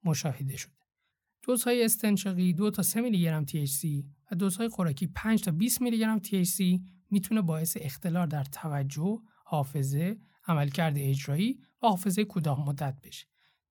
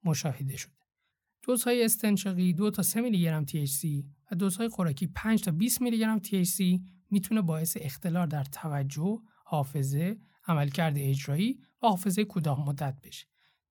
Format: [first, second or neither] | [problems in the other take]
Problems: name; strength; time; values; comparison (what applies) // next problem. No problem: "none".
neither | none